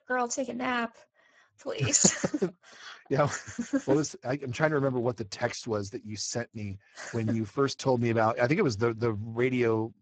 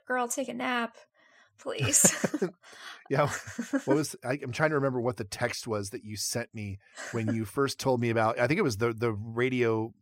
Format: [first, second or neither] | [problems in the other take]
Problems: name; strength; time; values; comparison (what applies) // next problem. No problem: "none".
second | garbled, watery; badly; nothing above 7.5 kHz